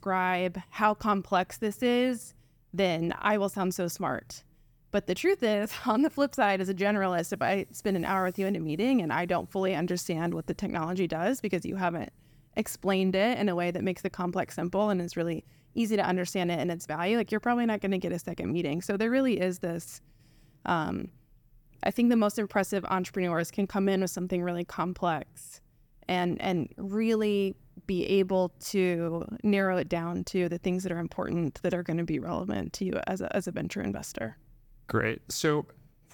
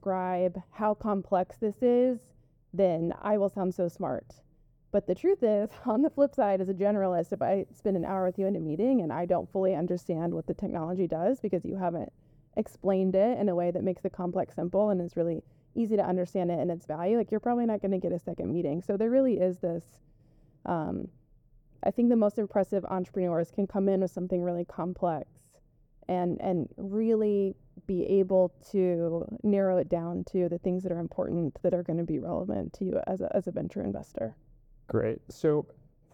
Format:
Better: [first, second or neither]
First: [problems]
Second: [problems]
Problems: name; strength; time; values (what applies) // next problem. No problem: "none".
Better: first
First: none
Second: muffled; very; fading above 1 kHz